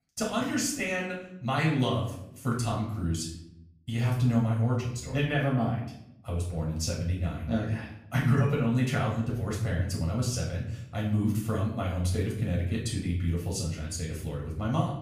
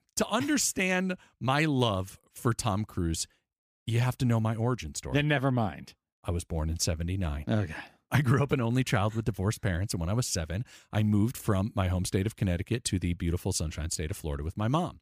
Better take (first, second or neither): second